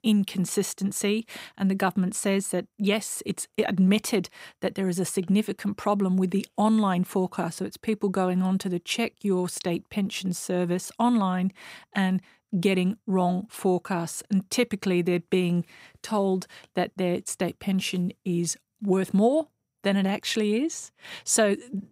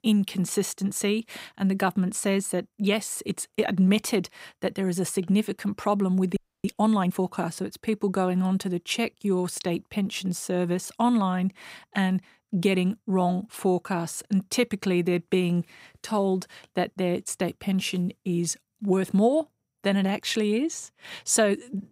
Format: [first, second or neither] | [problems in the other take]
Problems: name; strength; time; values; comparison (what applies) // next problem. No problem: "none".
first | audio freezing; at 6.5 s